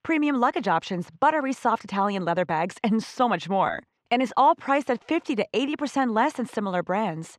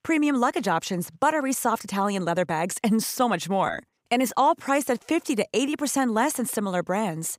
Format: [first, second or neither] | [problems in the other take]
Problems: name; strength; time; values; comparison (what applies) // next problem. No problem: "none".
second | muffled; slightly; fading above 3.5 kHz